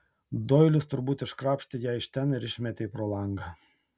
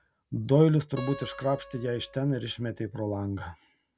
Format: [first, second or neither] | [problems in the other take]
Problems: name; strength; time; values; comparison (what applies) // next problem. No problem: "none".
first | background sound (Acoustic guitar); 18 dB below the speech